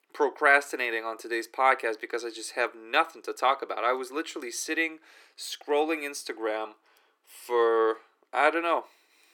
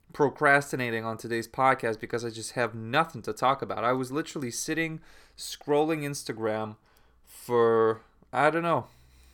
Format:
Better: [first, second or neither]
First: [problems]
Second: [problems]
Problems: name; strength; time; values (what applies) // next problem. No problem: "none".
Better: second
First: thin; somewhat; fading below 350 Hz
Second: none